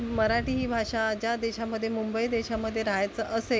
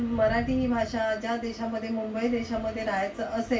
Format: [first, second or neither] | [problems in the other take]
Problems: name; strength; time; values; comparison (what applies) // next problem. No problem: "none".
first | room echo; dies away in 0.2 s